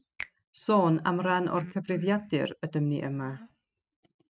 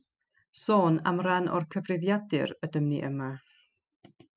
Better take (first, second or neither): second